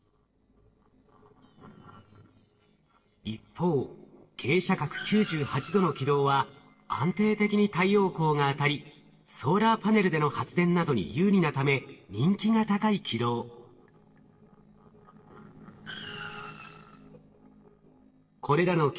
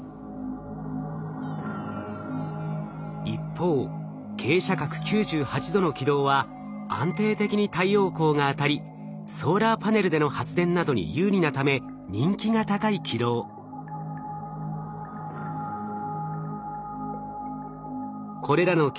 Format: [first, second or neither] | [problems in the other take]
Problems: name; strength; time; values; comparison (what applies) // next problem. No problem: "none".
second | noise reduction (neural separator model SepFormer DNS4)